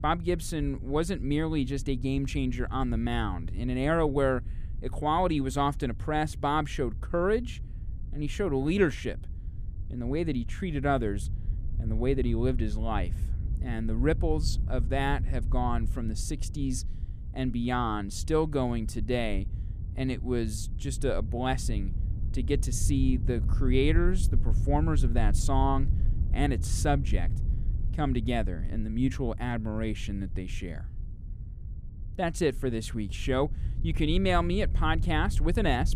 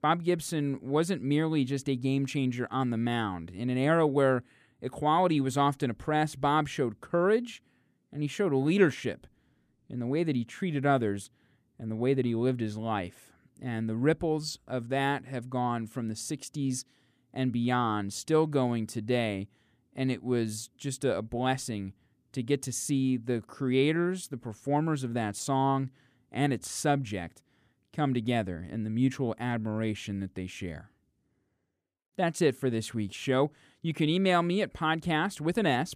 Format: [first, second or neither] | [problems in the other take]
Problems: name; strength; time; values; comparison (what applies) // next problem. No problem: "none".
second | wind noise on the microphone; occasional gusts; 20 dB below the speech